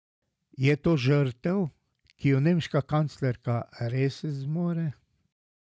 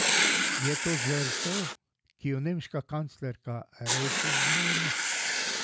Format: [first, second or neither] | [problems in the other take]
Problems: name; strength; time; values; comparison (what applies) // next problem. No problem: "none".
first | background sound (Writing); 4 dB above the speech